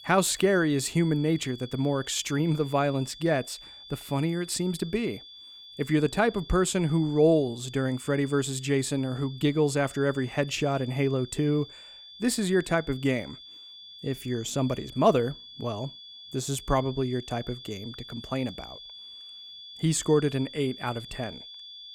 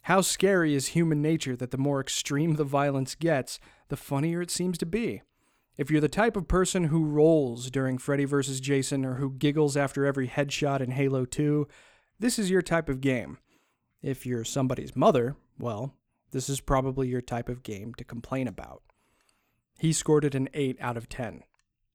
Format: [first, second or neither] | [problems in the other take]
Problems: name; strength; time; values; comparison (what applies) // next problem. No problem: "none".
second | high-pitched whine; noticeable; throughout; 3.5 kHz, 15 dB below the speech